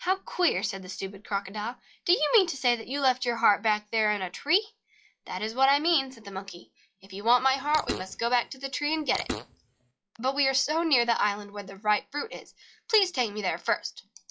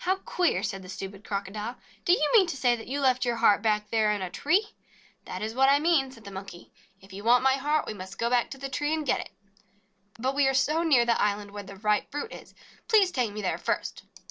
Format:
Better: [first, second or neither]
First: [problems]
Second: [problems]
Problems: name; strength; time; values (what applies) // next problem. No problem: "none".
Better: second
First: noise reduction (classical method log-MMSE)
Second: none